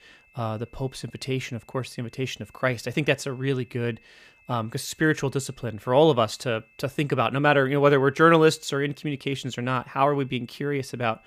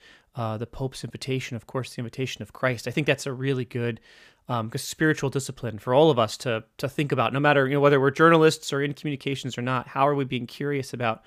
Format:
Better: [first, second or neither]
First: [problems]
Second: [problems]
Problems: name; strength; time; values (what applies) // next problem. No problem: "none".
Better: second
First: high-pitched whine; faint; throughout; 2.5 kHz, 30 dB below the speech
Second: none